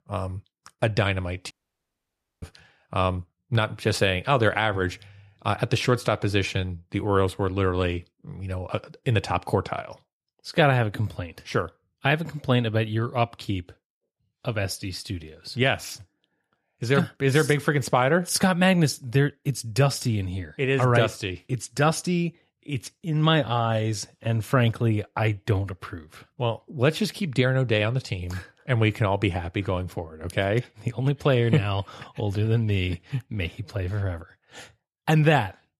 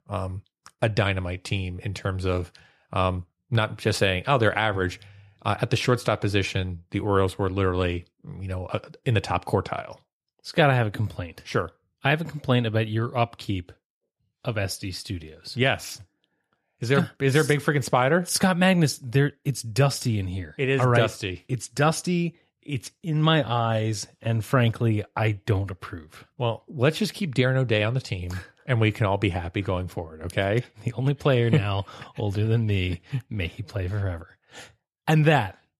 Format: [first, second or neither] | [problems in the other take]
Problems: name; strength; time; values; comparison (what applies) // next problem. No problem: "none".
second | audio cutting out; at 1.5 s for 1 s